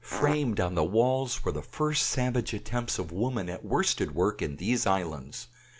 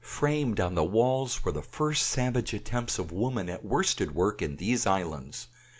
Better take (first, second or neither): second